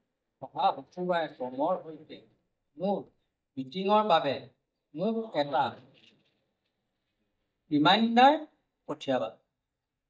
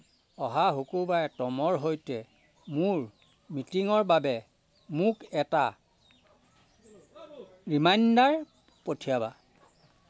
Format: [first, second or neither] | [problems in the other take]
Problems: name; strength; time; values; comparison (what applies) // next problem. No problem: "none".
second | noise reduction (neural mask model DeepFilterNet 3)